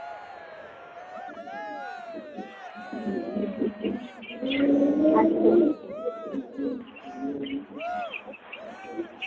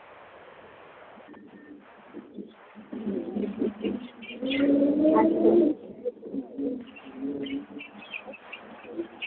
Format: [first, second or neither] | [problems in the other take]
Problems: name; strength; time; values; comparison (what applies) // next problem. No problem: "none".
second | background sound (Cheering); 13 dB below the speech